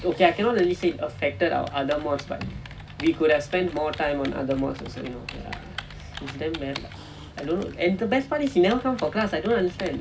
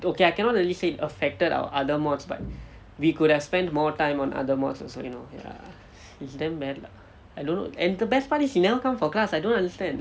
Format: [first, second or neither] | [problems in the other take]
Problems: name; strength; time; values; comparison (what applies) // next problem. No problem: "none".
second | background sound (Typing); 16 dB below the speech // room echo; dies away in 0.4 s